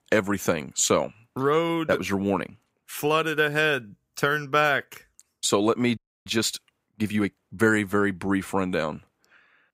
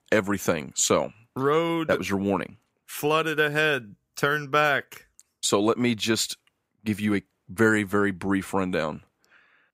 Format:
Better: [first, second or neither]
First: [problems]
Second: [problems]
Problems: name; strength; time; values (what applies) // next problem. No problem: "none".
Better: second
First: audio freezing; at 6 s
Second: none